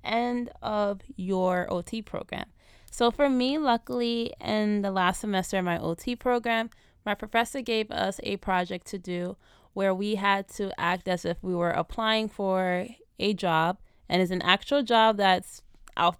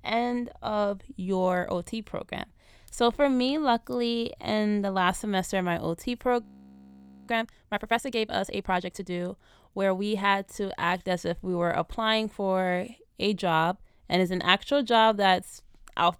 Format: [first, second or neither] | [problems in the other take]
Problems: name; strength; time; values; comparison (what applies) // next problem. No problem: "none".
first | audio freezing; at 6.5 s for 1 s